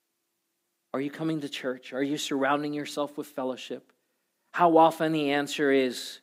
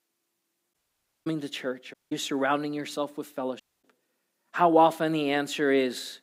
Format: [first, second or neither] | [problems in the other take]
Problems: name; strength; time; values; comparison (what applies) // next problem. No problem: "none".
first | audio cutting out; at 0.5 s for 0.5 s, at 2 s and at 3.5 s